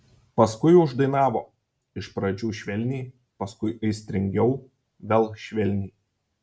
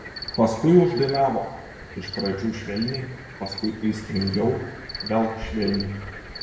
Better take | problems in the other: first | background sound (Cricket); 12 dB below the speech // room echo; dies away in 0.8 s

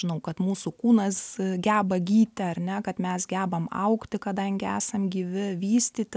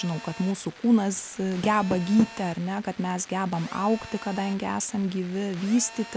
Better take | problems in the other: first | background sound (Telephone + Door); 14 dB below the speech

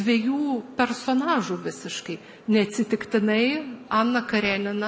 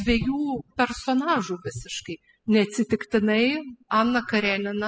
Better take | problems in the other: first | noise reduction (classical method spectral subtraction)

